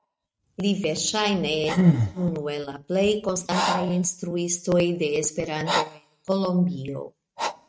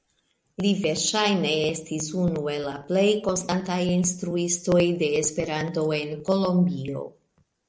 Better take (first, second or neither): second